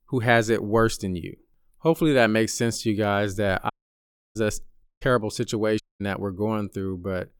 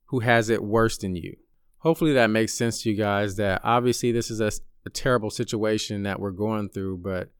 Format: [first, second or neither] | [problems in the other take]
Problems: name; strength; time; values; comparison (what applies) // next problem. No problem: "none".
second | audio cutting out; at 3.5 s for 0.5 s, at 5 s and at 6 s